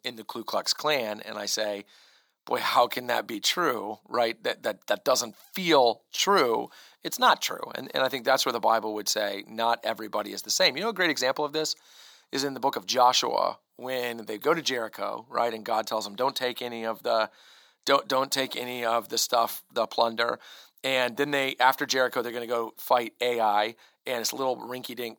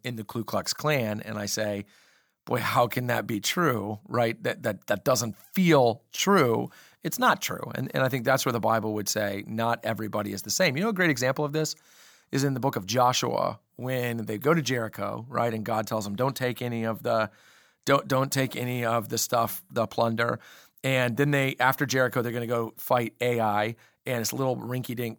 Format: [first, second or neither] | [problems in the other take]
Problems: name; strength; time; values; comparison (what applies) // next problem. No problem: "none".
second | thin; somewhat; fading below 350 Hz